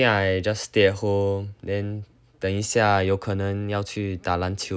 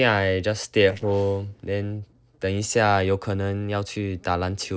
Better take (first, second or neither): first